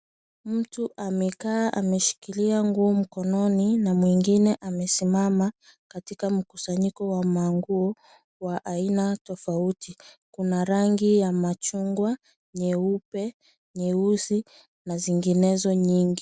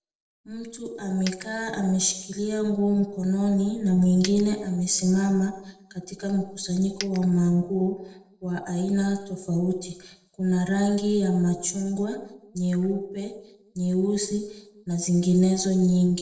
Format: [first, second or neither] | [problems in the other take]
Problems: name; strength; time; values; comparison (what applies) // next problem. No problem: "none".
first | noise reduction (neural separator model SepFormer DNS4)